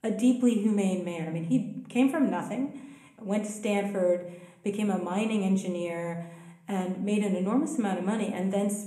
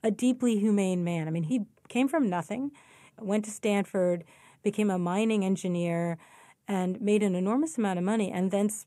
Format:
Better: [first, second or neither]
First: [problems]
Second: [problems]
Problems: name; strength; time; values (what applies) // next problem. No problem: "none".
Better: second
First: room echo; slight; dies away in 0.6 s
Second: none